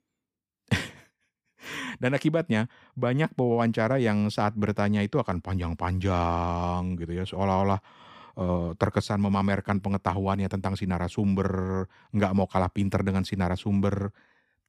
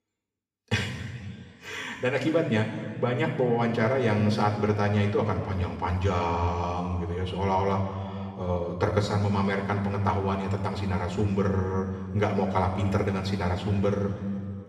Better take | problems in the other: first | room echo; noticeable; dies away in 2 s // off-mic speech; somewhat distant

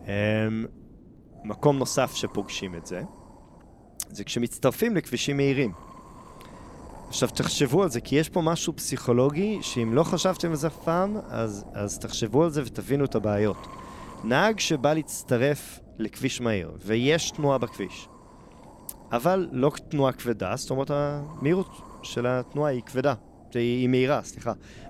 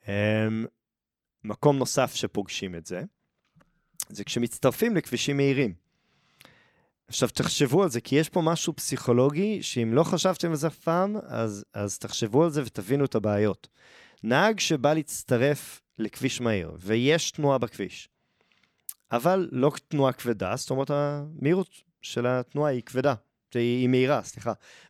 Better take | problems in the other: second | wind noise on the microphone; occasional gusts; 20 dB below the speech

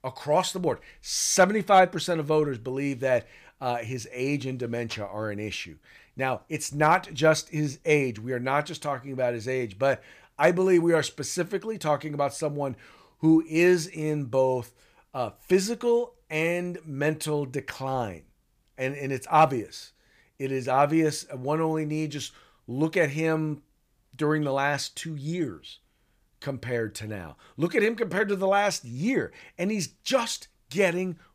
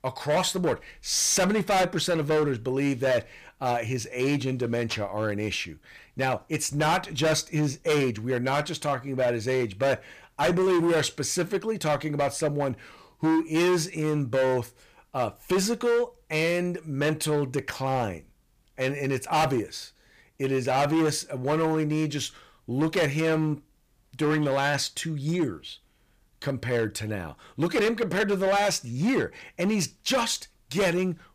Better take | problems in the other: first | distortion; heavy; 11% of the sound clipped

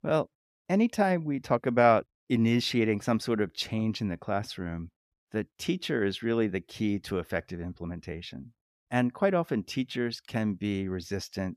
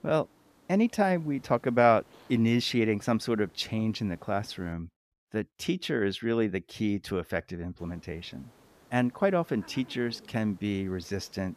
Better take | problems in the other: first | hiss; faint; until 4.5 s and from 8 s on; 30 dB below the speech

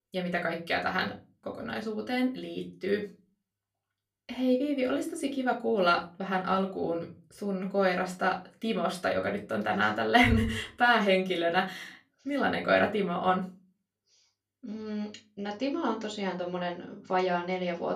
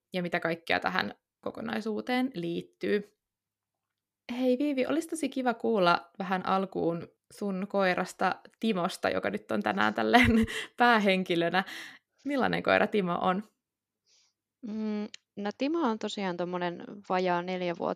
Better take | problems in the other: second | off-mic speech; far // room echo; very slight; dies away in 0.3 s

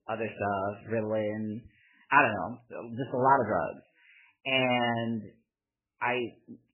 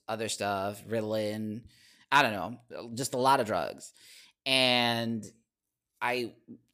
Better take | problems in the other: second | garbled, watery; badly; nothing above 3 kHz

